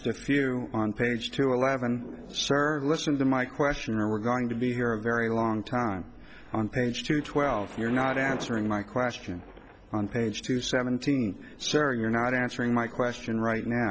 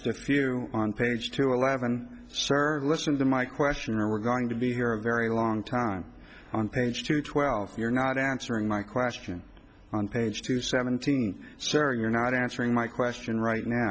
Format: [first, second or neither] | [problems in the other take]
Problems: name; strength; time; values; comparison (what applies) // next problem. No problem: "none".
second | background sound (Thunder); 19 dB below the speech